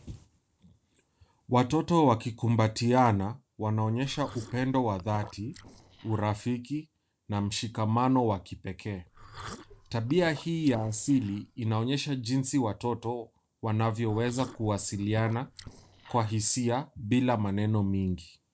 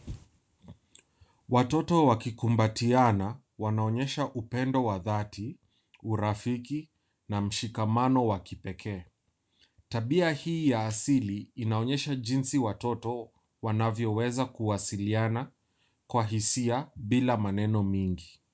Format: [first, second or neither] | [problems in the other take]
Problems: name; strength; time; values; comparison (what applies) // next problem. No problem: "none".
second | noise reduction (neural separator model SepFormer DNS4)